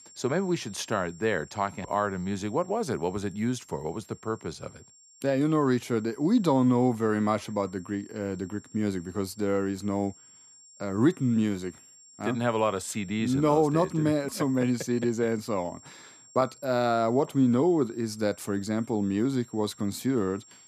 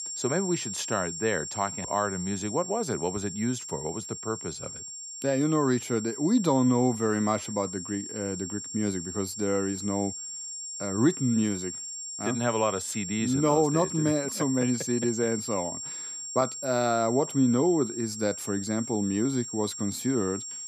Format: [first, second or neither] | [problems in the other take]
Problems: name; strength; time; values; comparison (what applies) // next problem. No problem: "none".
first | high-pitched whine; loud; throughout; 7.5 kHz, 7 dB below the speech; faint in the first